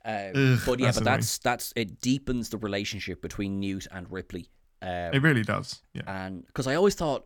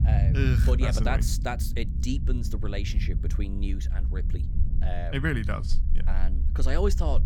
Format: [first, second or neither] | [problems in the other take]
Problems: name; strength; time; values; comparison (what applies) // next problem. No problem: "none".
first | low rumble; noticeable; throughout; 10 dB below the speech